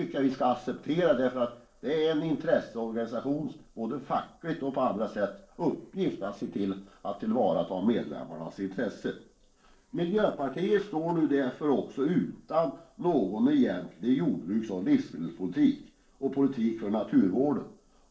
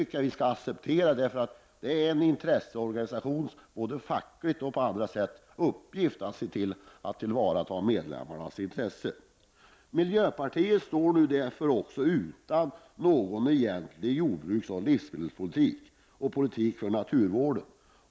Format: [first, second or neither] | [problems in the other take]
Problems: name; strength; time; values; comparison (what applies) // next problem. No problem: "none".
second | noise reduction (neural separator model SepFormer DNS4)